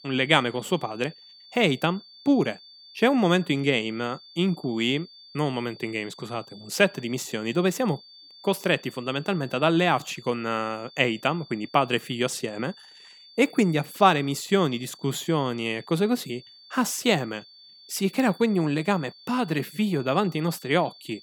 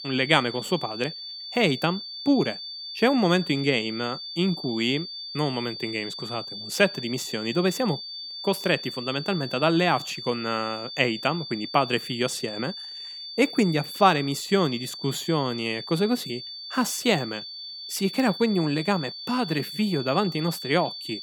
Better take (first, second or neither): first